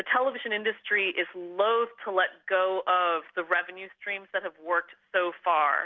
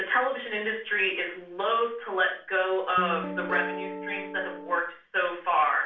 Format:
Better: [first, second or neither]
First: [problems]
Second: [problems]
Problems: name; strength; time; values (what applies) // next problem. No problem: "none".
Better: first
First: none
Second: background sound (Guitar); 8 dB below the speech // room echo; dies away in 0.4 s